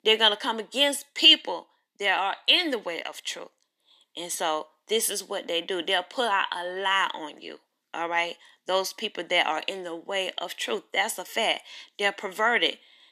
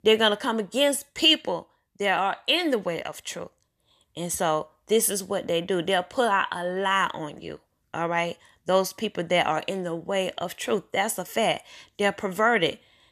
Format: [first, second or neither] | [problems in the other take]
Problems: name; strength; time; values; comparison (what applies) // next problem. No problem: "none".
second | thin; very slightly; fading below 250 Hz